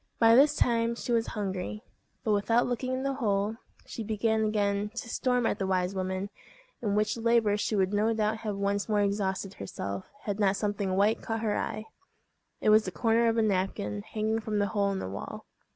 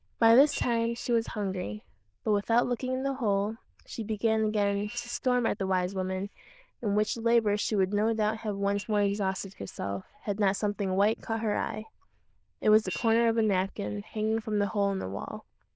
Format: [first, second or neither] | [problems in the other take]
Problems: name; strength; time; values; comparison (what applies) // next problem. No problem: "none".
first | noise reduction (neural diffusion model UNIVERSE++)